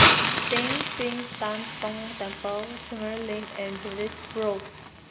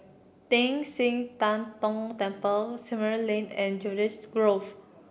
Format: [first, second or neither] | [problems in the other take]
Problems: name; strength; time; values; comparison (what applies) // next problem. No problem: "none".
second | background sound (Hiss); 4 dB above the speech